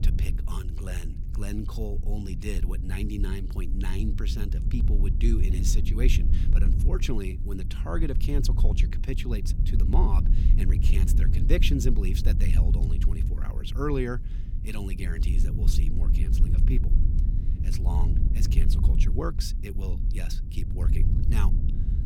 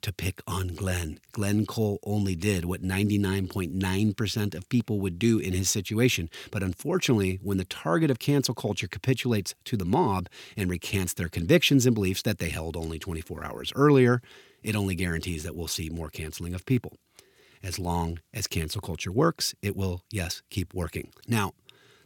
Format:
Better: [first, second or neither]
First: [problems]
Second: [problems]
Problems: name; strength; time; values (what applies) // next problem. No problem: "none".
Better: second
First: wind noise on the microphone; heavy; 6 dB below the speech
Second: none